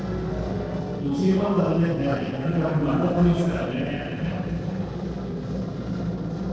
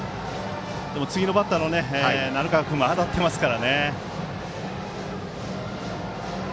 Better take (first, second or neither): second